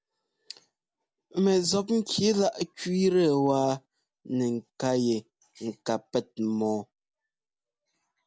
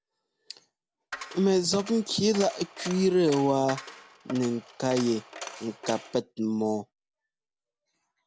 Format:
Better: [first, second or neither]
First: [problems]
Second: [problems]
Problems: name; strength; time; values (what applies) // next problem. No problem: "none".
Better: first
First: none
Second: background sound (Coin (dropping)); 14 dB below the speech